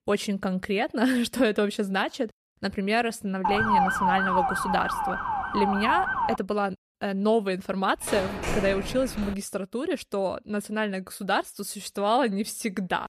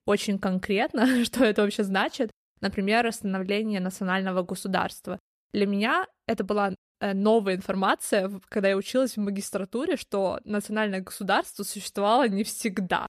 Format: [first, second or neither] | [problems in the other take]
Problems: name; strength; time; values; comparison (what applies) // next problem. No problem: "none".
second | siren; loud; from 3.5 to 6.5 s; peak 5 dB above the speech // phone ringing; noticeable; from 8 to 9.5 s; peak 3 dB below the speech